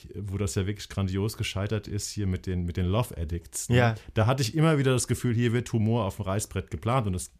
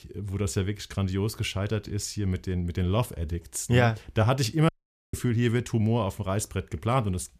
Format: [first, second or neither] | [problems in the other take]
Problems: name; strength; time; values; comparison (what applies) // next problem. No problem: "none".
first | audio cutting out; at 4.5 s